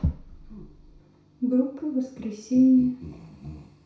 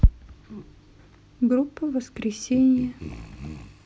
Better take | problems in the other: second | room echo; dies away in 0.6 s

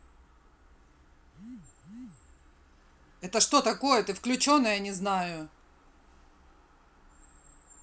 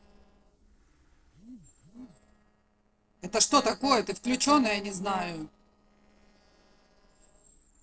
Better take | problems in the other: first | noise reduction (neural separator model SepFormer DNS4)

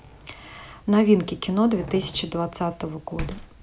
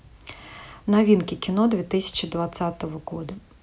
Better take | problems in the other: second | background sound (Slam); 15 dB below the speech

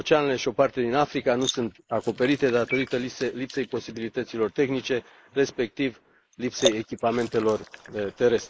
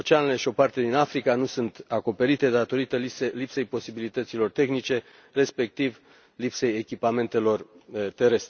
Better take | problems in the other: second | noise reduction (neural mask model Resemble Enhance denoiser)

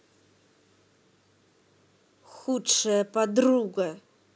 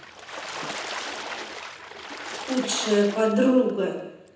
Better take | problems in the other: first | background sound (Water / Splash, splatter); 10 dB below the speech // room echo; dies away in 0.9 s

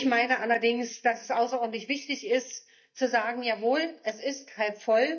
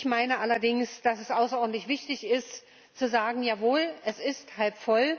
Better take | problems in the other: second | noise reduction (neural mask model DeepFilterNet 3)

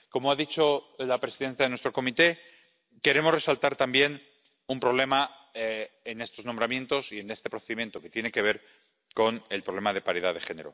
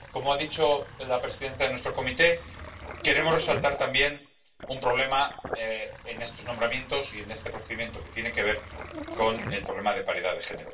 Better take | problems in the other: first | background sound (Sink (filling or washing)); 13 dB below the speech // room echo; dies away in 0.2 s

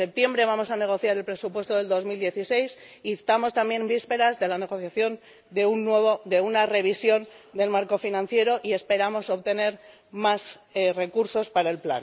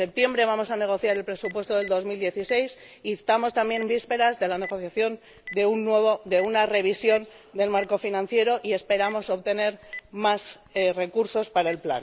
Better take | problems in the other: first | background sound (Telephone); 20 dB below the speech

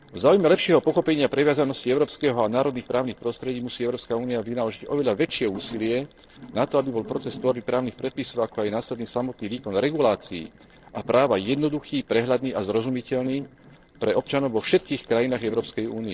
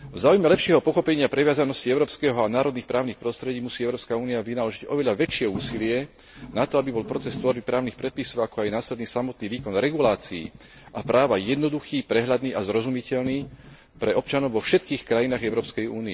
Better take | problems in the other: second | noise reduction (neural separator model SepFormer DNS4)

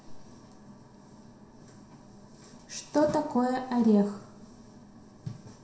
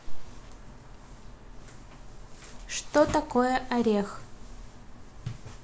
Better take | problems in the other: second | room echo; dies away in 0.7 s

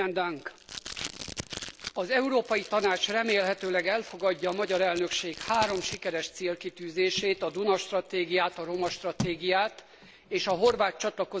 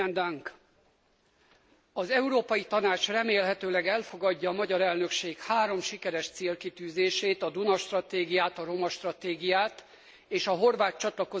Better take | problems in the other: second | background sound (Packing tape, duct tape); 14 dB below the speech

